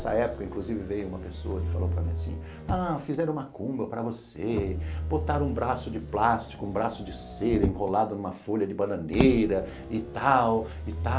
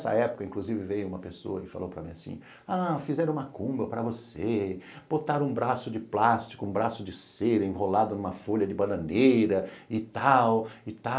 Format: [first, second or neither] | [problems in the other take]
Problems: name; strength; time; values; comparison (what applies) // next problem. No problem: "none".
second | background sound (Motor vehicle (road)); 6 dB below the speech